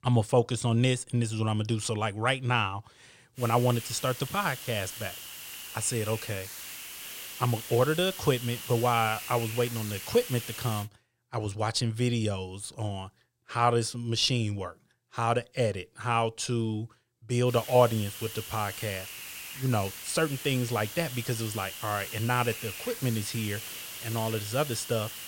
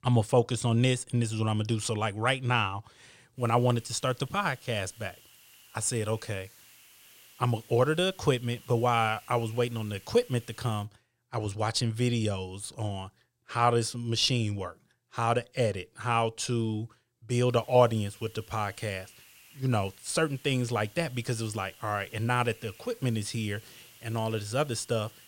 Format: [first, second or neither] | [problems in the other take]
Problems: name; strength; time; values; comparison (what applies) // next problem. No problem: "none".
second | hiss; loud; from 3.5 to 11 s and from 17 s on; 9 dB below the speech; faint in the second